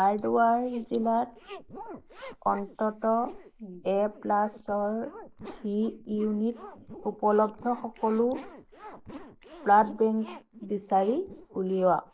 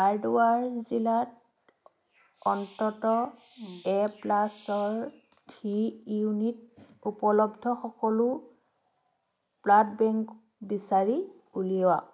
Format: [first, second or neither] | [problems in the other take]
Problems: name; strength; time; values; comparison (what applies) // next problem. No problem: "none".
second | noise reduction (neural mask model Resemble Enhance denoiser)